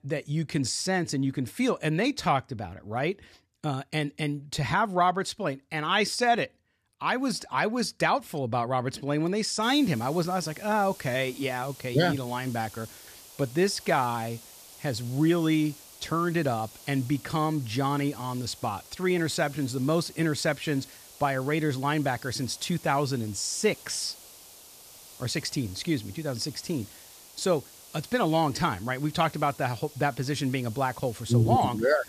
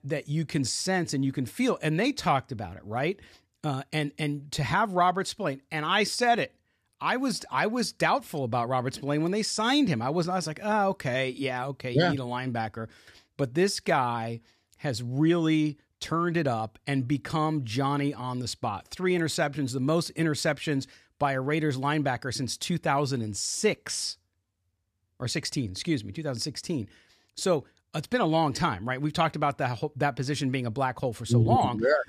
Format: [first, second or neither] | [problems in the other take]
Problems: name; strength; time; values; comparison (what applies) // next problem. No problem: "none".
second | hiss; noticeable; from 9.5 s on; 20 dB below the speech